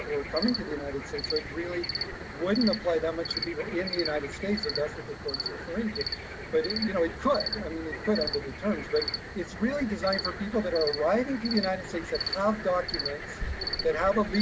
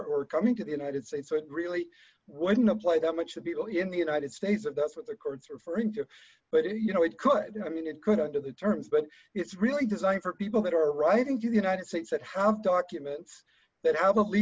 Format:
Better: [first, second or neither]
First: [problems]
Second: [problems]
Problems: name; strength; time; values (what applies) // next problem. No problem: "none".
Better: second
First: background sound (Cricket); 6 dB below the speech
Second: none